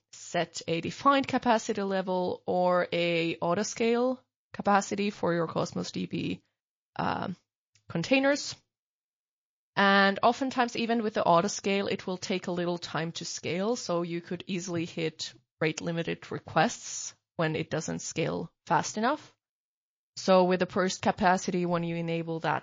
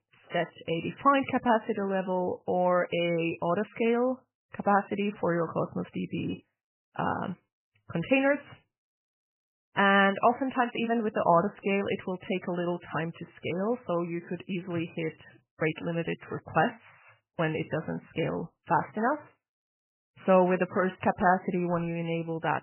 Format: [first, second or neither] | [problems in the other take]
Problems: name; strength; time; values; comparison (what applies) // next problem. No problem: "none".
first | garbled, watery; badly; nothing above 3 kHz; slightly in the first